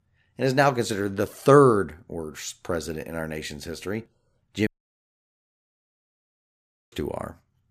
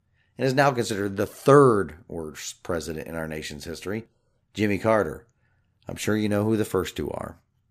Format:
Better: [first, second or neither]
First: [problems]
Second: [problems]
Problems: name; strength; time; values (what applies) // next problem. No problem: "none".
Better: second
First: audio cutting out; at 4.5 s for 2.5 s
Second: none